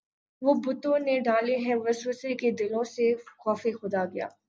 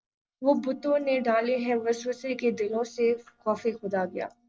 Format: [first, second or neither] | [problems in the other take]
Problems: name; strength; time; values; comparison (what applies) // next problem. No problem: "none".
first | noise reduction (neural separator model SepFormer DNS4)